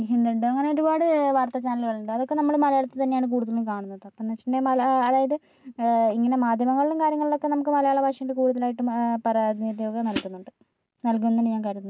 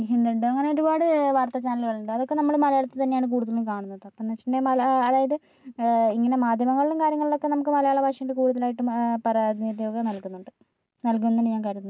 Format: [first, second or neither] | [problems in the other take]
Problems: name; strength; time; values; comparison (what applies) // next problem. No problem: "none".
second | background sound (Hi-hat); 8 dB below the speech